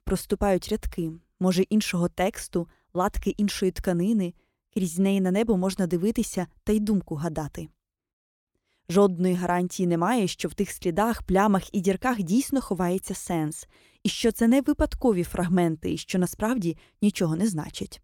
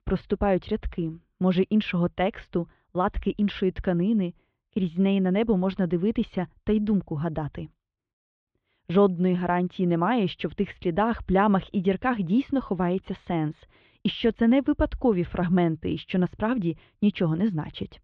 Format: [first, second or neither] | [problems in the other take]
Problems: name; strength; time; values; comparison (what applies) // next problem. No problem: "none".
first | muffled; very; fading above 3.5 kHz